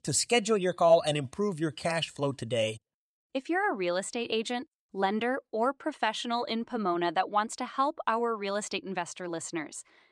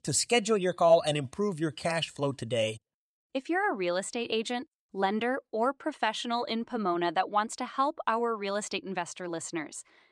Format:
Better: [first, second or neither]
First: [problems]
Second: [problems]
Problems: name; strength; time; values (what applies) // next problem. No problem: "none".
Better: neither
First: none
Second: none